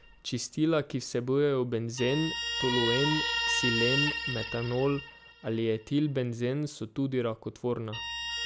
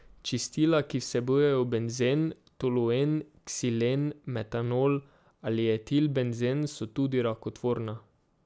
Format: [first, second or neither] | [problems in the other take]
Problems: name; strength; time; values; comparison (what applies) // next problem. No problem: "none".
second | background sound (Guitar); 5 dB below the speech